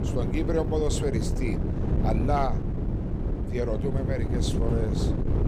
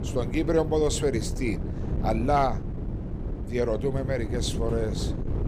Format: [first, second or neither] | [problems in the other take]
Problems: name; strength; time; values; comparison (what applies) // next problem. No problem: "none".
second | wind noise on the microphone; heavy; 5 dB below the speech; occasional gusts in the second